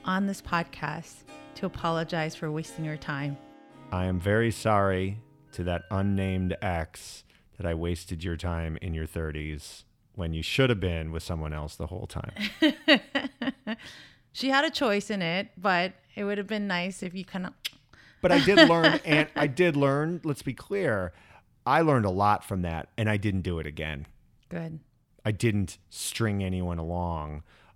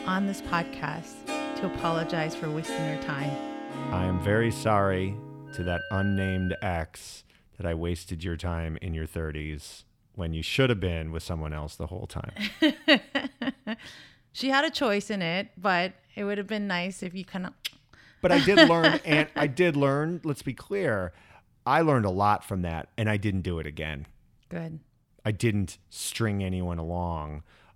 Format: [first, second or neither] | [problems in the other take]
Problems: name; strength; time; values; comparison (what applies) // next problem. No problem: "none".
first | background music; loud; until 6.5 s; 8 dB below the speech; faint in the first